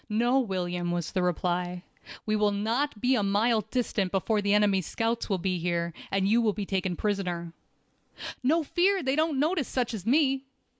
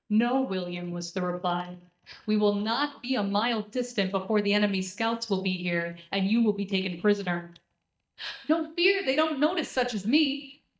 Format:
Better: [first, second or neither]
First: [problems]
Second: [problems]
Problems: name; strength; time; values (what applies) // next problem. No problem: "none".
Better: first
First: none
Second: noise reduction (neural mask model DeepFilterNet 3)